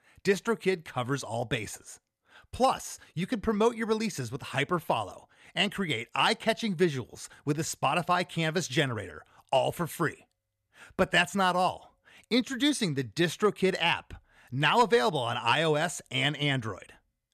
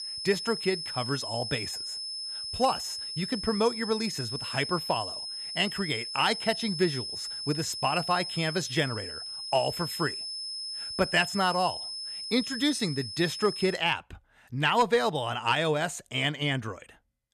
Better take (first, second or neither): first